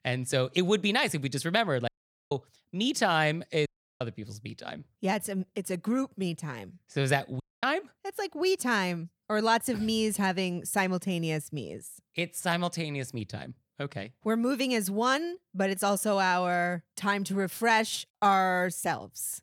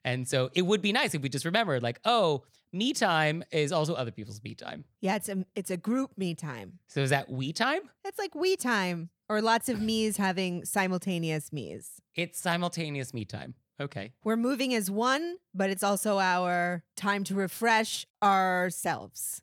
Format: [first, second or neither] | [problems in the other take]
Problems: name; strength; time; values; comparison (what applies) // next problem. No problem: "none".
second | audio cutting out; at 2 s, at 3.5 s and at 7.5 s